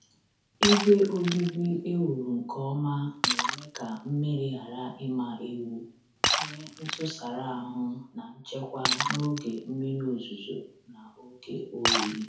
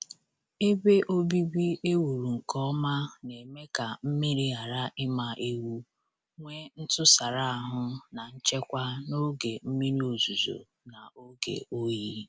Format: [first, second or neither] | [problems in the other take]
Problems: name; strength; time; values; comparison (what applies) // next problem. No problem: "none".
second | background sound (Shatter); 4 dB below the speech // room echo; dies away in 0.5 s